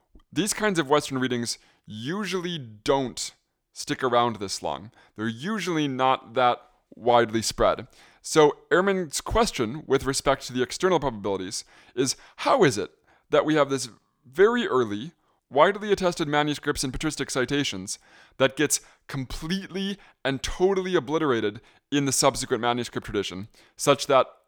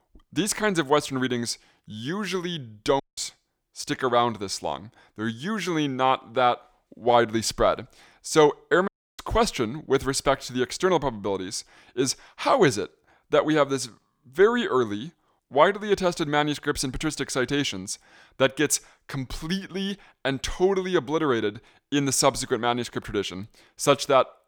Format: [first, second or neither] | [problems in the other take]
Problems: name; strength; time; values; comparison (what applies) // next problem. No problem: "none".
first | audio cutting out; at 3 s and at 9 s